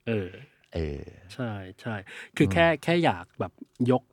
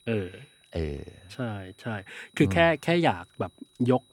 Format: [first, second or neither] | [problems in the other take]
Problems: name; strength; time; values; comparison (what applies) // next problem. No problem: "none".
first | high-pitched whine; faint; throughout; 4 kHz, 30 dB below the speech